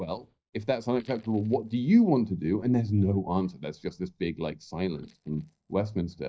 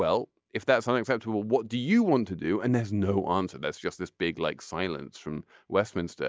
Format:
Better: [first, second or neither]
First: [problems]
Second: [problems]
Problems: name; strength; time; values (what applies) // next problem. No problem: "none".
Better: second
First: noise reduction (neural mask model DeepFilterNet 3)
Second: none